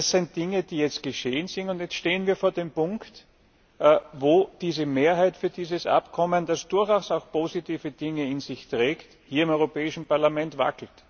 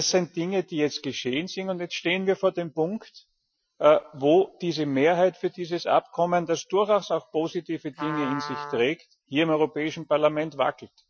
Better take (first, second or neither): first